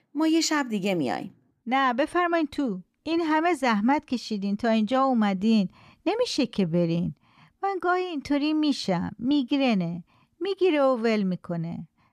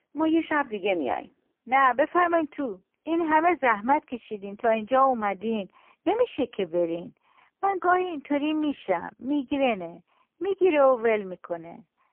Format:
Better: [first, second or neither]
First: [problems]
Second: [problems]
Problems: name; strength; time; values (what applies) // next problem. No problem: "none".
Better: first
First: none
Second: phone-call audio; poor line; nothing above 3 kHz